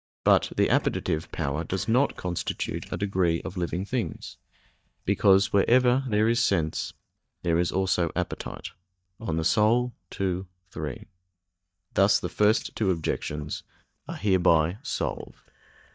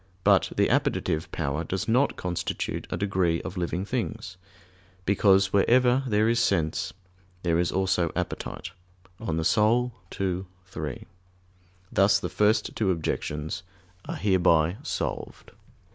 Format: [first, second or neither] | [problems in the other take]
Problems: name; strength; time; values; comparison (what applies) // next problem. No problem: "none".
second | noise reduction (neural mask model DeepFilterNet 3)